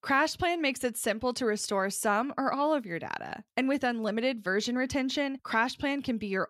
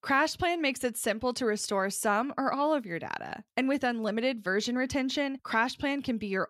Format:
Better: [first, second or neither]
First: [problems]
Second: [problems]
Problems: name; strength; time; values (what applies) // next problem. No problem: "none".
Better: neither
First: none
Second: none